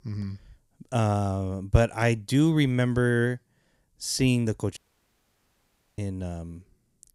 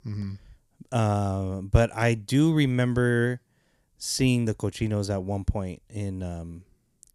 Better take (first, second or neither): second